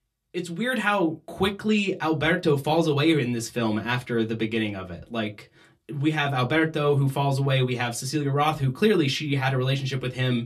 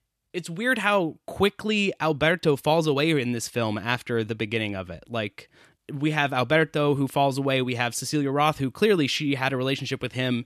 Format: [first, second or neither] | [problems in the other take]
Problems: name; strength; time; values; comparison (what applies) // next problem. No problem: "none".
second | off-mic speech; far // room echo; very slight; dies away in 0.2 s